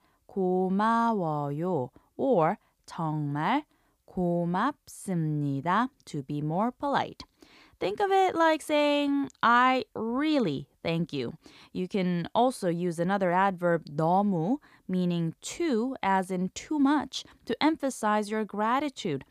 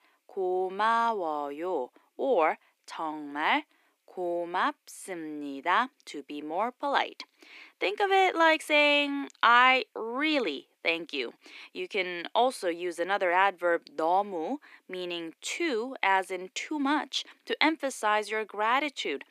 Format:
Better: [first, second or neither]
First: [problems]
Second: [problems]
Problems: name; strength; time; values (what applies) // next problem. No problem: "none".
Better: first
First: none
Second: thin; somewhat; fading below 300 Hz